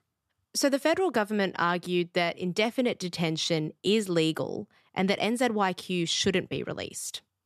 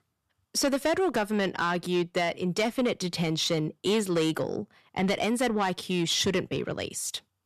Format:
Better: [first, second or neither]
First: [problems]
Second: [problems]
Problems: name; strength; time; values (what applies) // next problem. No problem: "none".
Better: first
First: none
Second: distortion; slight; 10 dB below the speech